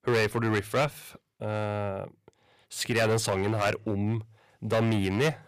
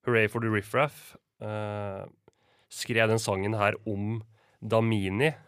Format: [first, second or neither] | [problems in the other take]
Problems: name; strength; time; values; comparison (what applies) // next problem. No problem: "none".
second | distortion; heavy; 7% of the sound clipped